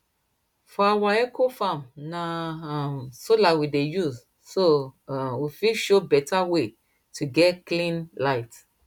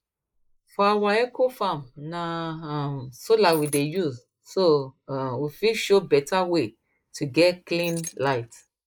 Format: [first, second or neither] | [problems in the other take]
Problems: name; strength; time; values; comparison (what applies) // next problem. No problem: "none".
first | noise reduction (neural mask model Resemble Enhance denoiser)